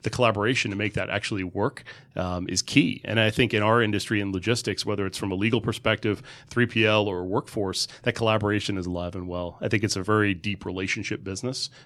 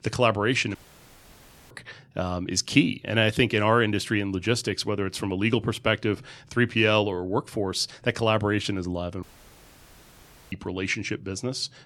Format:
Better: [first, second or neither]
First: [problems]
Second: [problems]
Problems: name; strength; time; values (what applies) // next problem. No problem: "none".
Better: first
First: none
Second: audio cutting out; at 1 s for 1 s and at 9 s for 1.5 s